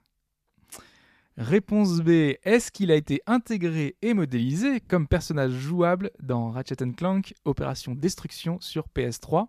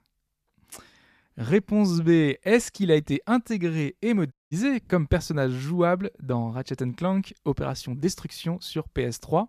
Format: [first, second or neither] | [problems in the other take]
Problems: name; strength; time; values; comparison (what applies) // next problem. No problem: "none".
first | audio cutting out; at 4.5 s